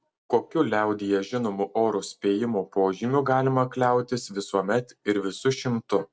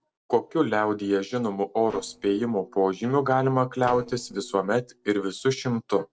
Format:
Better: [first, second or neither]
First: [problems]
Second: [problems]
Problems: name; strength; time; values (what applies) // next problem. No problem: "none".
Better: first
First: none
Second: noise reduction (neural separator model SepFormer DNS4)